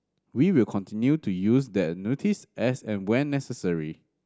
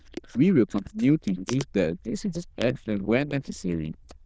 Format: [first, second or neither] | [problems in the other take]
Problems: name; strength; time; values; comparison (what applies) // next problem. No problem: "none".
first | noise reduction (neural diffusion model UNIVERSE++)